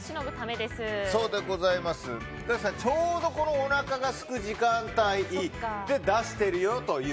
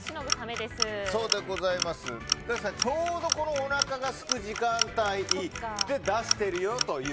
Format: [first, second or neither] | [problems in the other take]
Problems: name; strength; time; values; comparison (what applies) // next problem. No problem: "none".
first | background sound (Clock); 3 dB below the speech